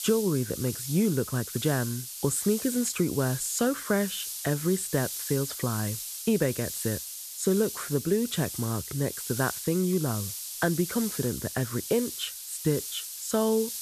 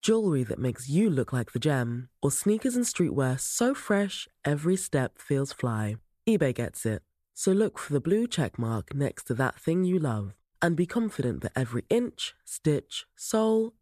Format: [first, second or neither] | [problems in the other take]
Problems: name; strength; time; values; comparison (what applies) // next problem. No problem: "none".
second | hiss; loud; throughout; 6 dB below the speech